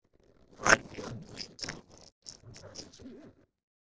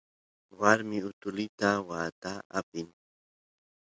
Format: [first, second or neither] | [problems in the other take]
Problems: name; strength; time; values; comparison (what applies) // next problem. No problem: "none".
second | noise reduction (neural separator model SepFormer DNS4)